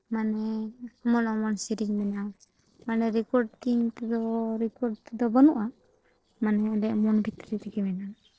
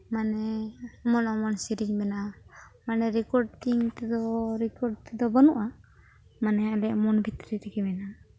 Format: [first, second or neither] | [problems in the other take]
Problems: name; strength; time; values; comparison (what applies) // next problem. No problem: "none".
second | noise reduction (neural separator model SepFormer DNS4)